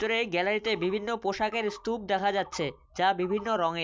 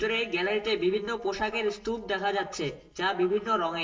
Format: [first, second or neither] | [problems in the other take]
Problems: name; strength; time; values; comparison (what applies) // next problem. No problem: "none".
first | noise reduction (neural separator model SepFormer DNS4)